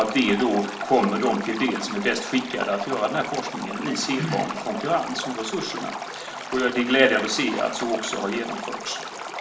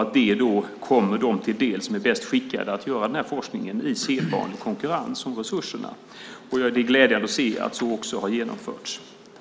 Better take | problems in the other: second | background sound (Stream); 9 dB below the speech // room echo; dies away in 0.4 s

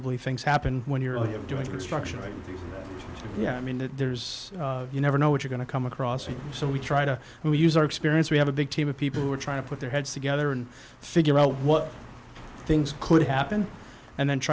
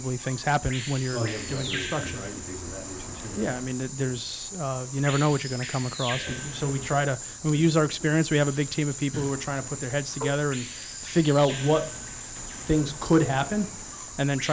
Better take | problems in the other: first | background sound (Bird vocalization, bird call, bird song + Marimba, xylophone); 10 dB below the speech

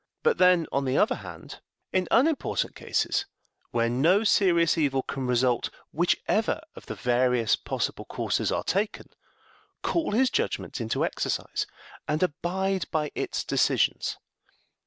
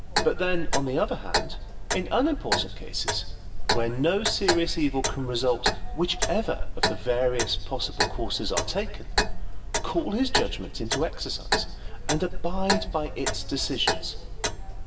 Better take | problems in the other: first | background sound (Clock); 1 dB above the speech // room echo; dies away in 0.7 s

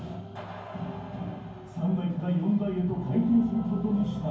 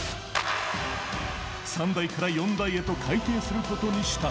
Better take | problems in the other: second | room echo; dies away in 0.9 s

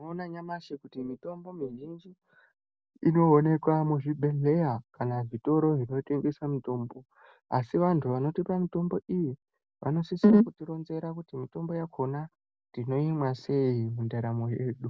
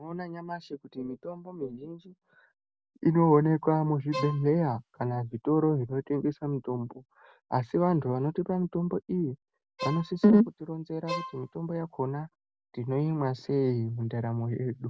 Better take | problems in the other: first | background sound (Bowed string instrument); 10 dB below the speech

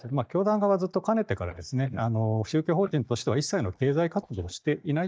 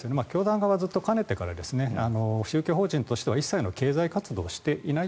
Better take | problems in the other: second | noise reduction (neural mask model DeepFilterNet 3)

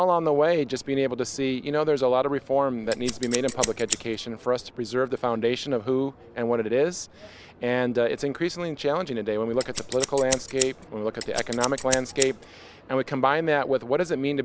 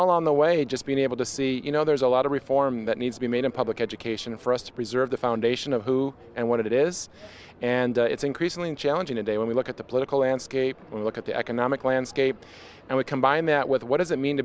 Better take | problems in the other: second | background sound (Scissors); 7 dB below the speech

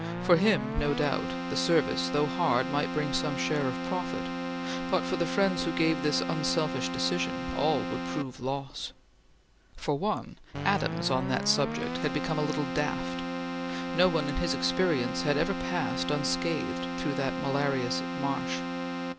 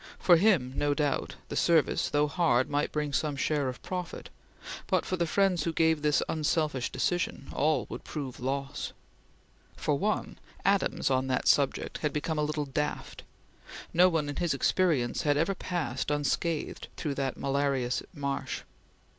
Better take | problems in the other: second | background sound (Keyboard (musical)); 3 dB below the speech

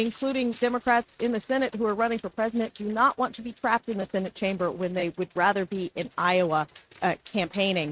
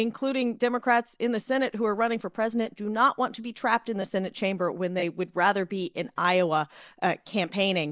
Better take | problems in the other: second | noise reduction (neural mask model RNNoise)

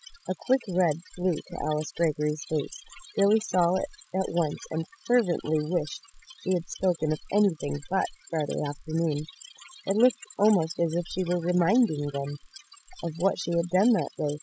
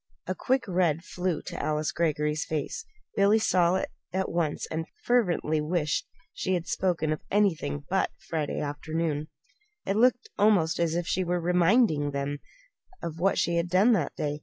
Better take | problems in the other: second | noise reduction (classical method spectral subtraction)

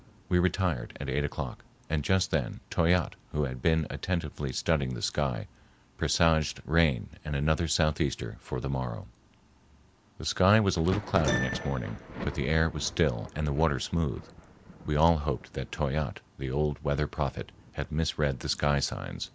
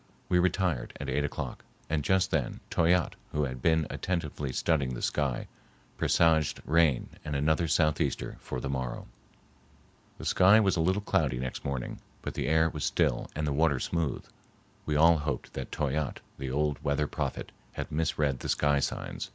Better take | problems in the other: second | background sound (Keyboard (musical) + Thunder); 15 dB below the speech

